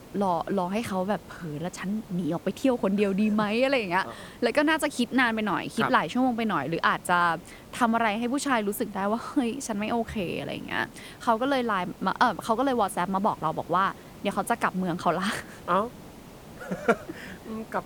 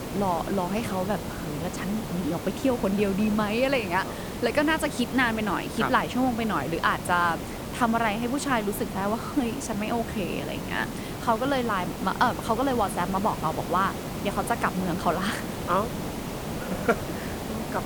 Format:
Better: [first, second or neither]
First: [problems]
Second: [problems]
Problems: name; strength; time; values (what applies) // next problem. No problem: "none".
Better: first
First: hiss; faint; throughout; 20 dB below the speech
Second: hiss; loud; throughout; 7 dB below the speech